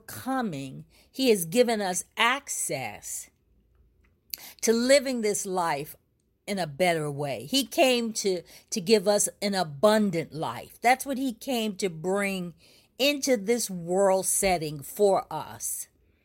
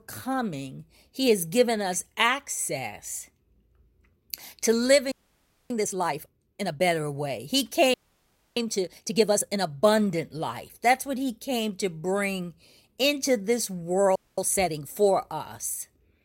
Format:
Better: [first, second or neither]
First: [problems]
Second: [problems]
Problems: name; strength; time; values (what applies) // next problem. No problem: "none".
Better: first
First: none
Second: audio freezing; at 5 s for 0.5 s, at 8 s for 0.5 s and at 14 s